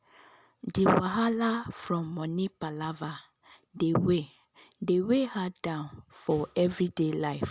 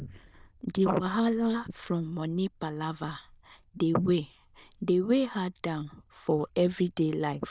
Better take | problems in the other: first | noise reduction (neural diffusion model UNIVERSE++)

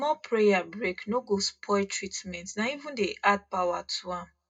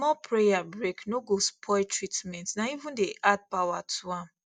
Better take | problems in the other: second | room echo; dies away in 0.2 s

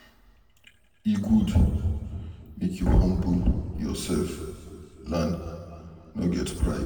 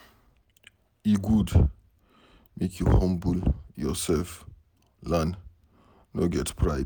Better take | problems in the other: second | room echo; dies away in 1.9 s

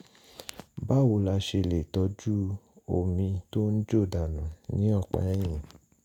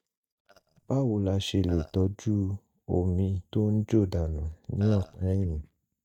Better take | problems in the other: first | noise reduction (neural mask model DeepFilterNet 3)

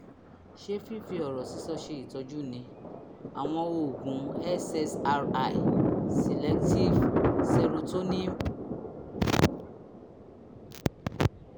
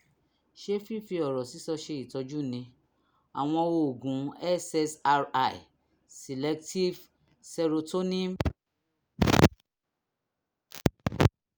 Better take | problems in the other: second | background sound (Thunder); 2 dB above the speech

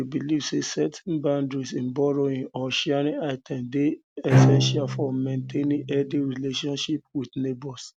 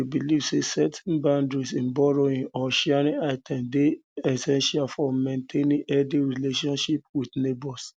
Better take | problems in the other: second | background sound (Bowed string instrument); 2 dB above the speech

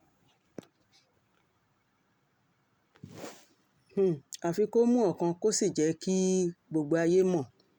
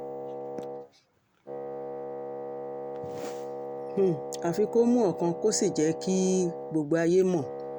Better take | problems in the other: first | background sound (Wind instrument, woodwind instrument); 8 dB below the speech

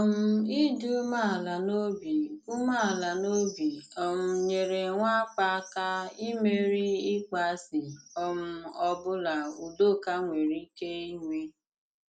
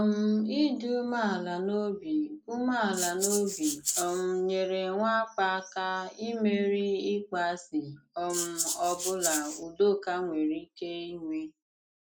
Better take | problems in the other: first | noise reduction (neural mask model Resemble Enhance denoiser)

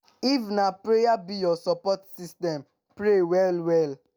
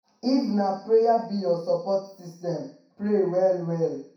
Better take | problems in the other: first | room echo; dies away in 0.6 s

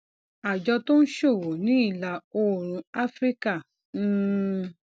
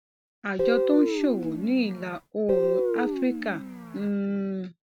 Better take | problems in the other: first | background sound (Guitar); as loud as the speech

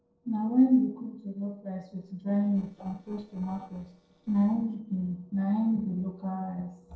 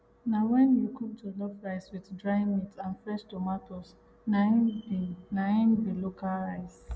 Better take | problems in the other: second | noise reduction (neural separator model SepFormer DNS4)

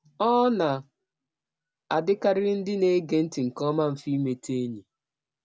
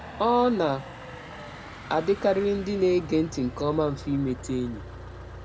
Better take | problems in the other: first | background sound (Motor vehicle (road)); 13 dB below the speech

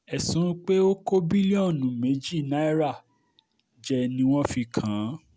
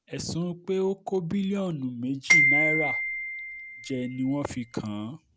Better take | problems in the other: first | background sound (Glockenspiel); 4 dB above the speech

